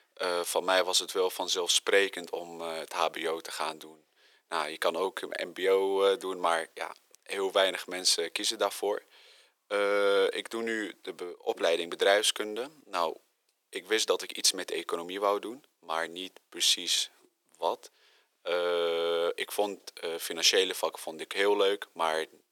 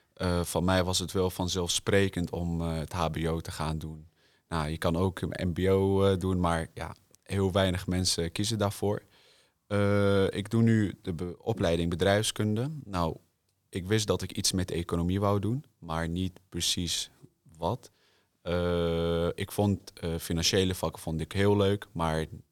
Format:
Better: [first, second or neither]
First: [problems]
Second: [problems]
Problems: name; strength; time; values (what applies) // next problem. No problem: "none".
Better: second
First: thin; very; fading below 400 Hz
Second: none